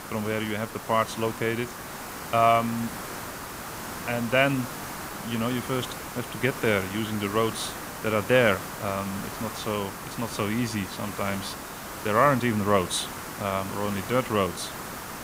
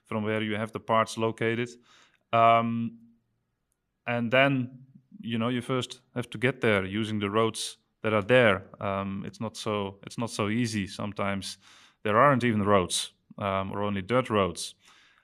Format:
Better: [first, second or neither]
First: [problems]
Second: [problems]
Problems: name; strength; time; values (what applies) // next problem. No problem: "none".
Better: second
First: hiss; loud; throughout; 9 dB below the speech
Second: none